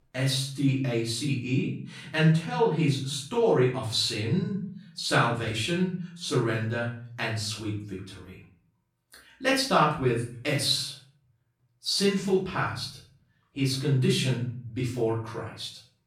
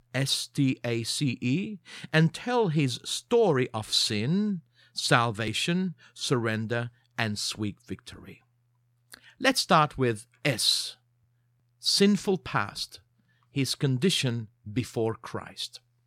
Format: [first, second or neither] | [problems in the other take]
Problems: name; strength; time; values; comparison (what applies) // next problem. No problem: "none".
second | off-mic speech; far // room echo; noticeable; dies away in 0.5 s